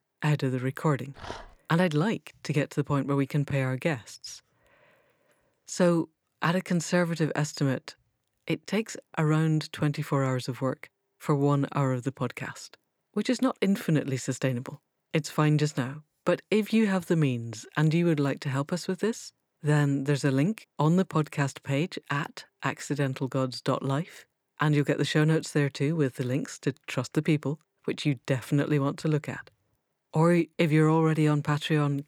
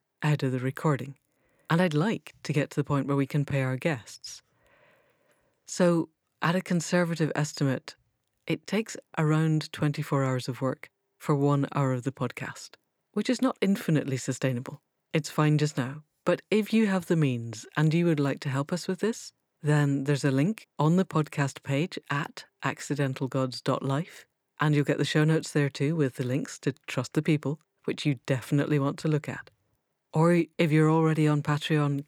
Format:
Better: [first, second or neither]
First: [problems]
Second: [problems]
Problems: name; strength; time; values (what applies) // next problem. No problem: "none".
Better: second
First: dog barking; faint; at 1 s; peak 15 dB below the speech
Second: none